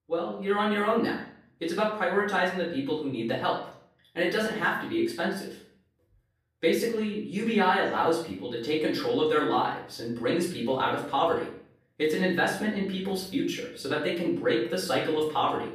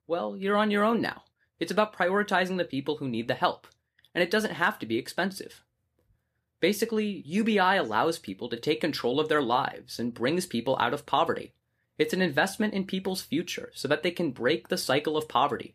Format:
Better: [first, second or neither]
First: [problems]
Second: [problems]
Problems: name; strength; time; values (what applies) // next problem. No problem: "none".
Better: second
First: off-mic speech; far // room echo; noticeable; dies away in 0.5 s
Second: none